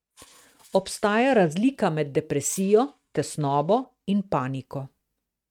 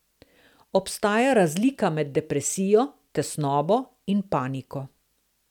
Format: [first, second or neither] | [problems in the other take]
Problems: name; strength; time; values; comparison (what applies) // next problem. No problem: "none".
second | noise reduction (neural mask model RNNoise)